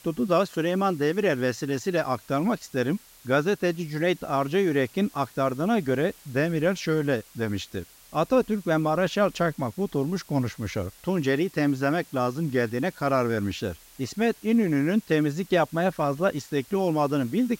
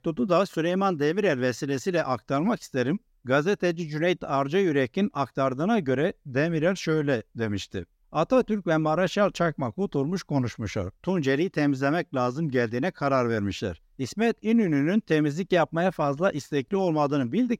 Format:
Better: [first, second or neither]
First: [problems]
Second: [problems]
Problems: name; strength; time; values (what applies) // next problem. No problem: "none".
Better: second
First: hiss; faint; throughout; 25 dB below the speech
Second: none